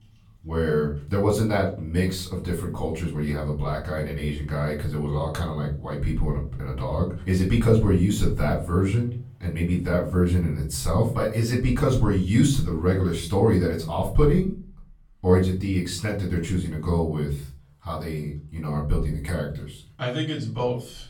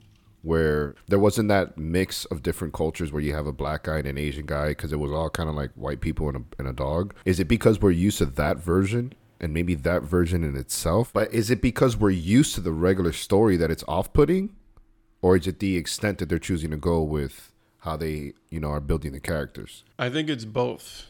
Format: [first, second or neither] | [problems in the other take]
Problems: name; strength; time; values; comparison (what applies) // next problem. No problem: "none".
second | room echo; slight; dies away in 0.5 s // off-mic speech; far